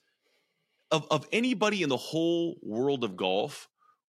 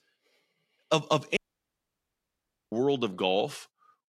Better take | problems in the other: first | audio cutting out; at 1.5 s for 1.5 s

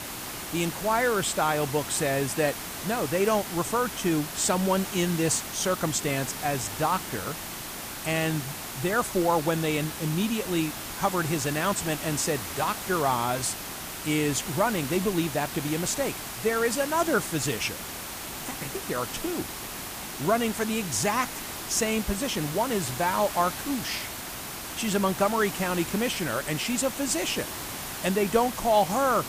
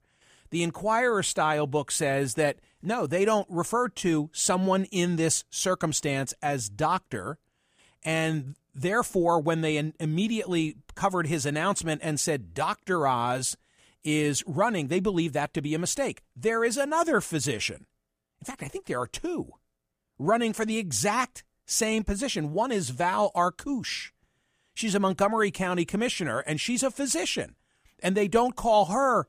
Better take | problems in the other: second | hiss; loud; throughout; 7 dB below the speech

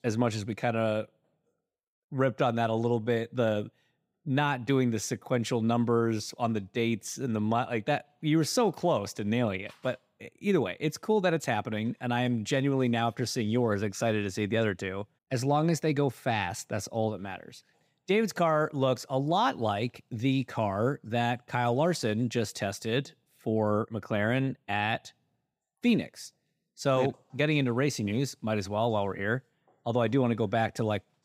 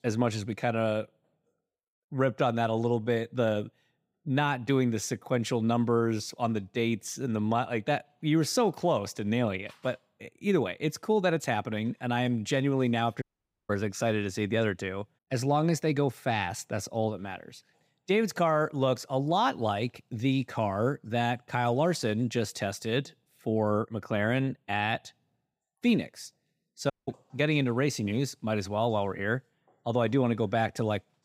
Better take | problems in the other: first | audio cutting out; at 13 s and at 27 s

